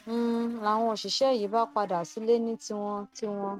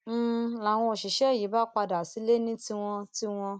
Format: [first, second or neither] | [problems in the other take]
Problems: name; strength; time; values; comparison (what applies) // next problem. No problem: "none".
second | noise reduction (neural mask model RNNoise)